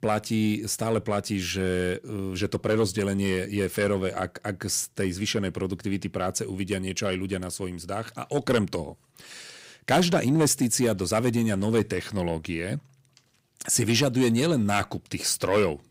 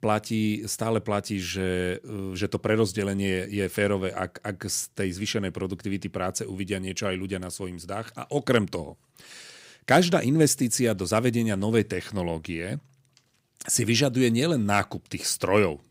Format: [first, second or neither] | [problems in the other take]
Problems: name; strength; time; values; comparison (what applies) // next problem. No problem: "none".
second | distortion; slight; 10 dB below the speech